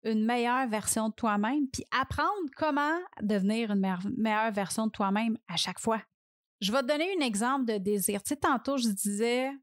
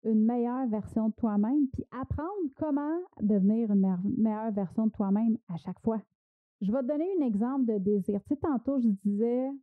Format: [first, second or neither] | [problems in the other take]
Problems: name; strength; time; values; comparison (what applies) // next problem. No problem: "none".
first | muffled; very; fading above 1.5 kHz